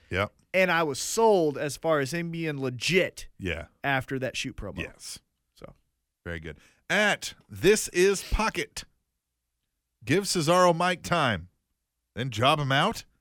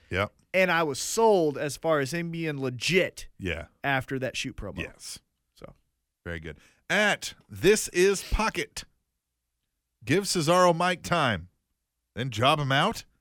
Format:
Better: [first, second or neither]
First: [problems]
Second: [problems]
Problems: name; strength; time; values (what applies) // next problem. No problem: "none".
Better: neither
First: none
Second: none